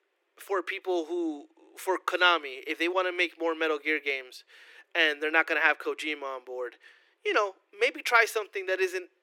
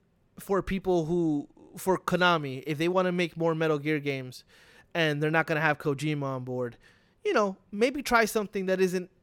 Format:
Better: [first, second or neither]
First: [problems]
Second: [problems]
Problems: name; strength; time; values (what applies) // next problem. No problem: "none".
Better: second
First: thin; very; fading below 300 Hz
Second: none